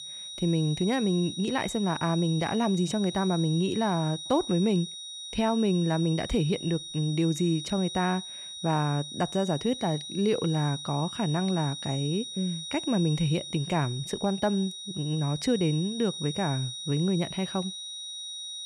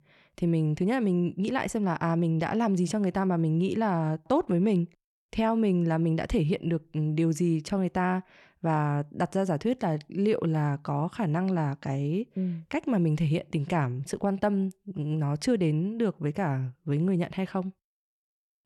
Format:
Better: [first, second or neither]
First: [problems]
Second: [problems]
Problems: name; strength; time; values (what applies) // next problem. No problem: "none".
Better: second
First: high-pitched whine; loud; throughout; 4 kHz, 8 dB below the speech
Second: none